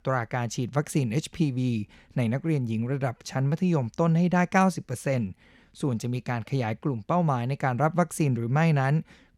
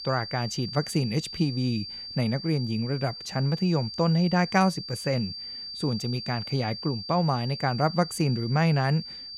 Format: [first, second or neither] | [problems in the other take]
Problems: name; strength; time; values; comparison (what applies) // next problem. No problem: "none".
first | high-pitched whine; loud; throughout; 4.5 kHz, 9 dB below the speech